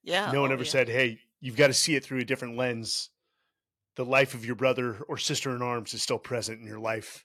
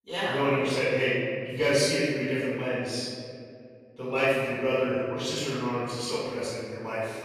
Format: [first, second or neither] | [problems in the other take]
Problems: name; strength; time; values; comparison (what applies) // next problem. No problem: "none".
first | off-mic speech; far // room echo; strong; dies away in 2.2 s